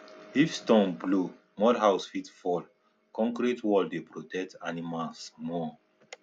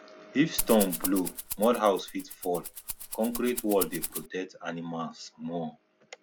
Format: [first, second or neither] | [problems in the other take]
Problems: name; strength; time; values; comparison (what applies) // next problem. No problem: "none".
first | background sound (Rattle (instrument)); 7 dB below the speech